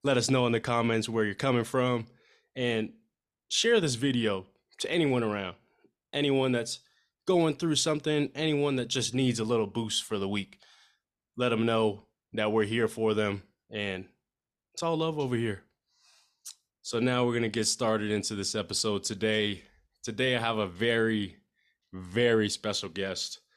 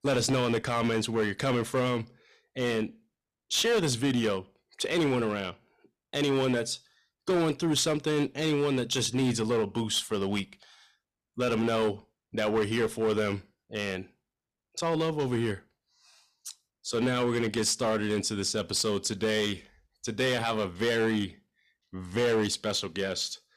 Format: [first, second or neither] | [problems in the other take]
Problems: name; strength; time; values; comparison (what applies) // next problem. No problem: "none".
first | distortion; slight; 8% of the sound clipped